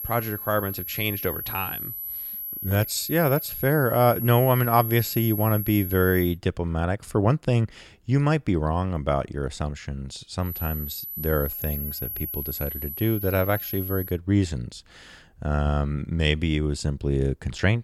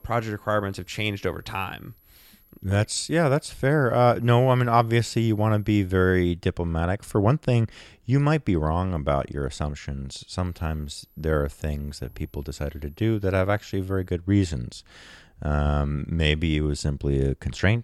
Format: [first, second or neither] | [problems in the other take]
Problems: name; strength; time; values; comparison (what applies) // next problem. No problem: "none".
second | high-pitched whine; loud; until 6.5 s and from 10 to 14 s; 11.5 kHz, 6 dB below the speech; faint in the second